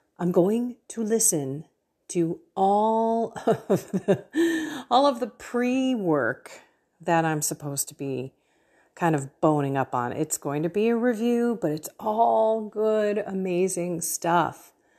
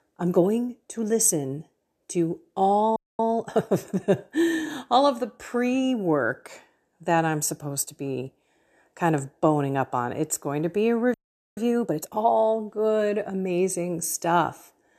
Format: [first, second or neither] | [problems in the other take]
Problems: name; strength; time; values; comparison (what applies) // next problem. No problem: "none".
first | audio freezing; at 3 s and at 11 s